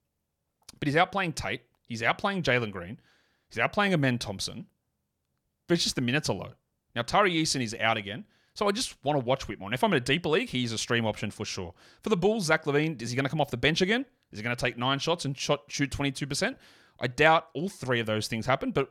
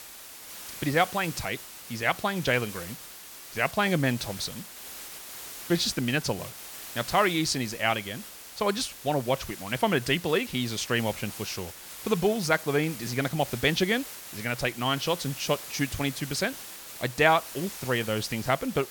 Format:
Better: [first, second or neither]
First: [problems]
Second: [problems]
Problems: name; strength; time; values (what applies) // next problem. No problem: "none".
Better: first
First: none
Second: hiss; noticeable; throughout; 10 dB below the speech